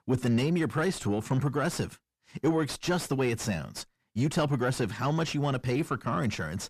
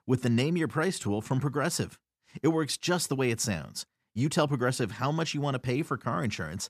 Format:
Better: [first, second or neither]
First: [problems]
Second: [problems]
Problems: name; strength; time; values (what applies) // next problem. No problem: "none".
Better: second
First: distortion; slight; 10 dB below the speech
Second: none